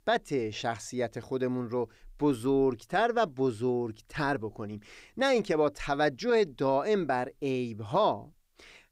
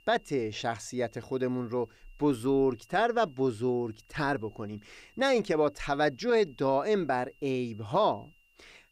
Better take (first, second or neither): first